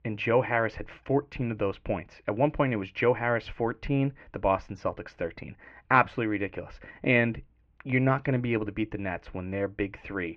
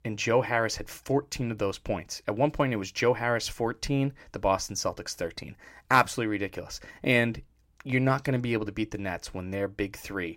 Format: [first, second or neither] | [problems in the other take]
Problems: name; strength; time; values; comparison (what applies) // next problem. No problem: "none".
second | muffled; very; fading above 2.5 kHz